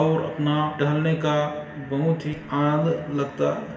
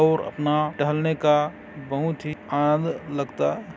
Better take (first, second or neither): second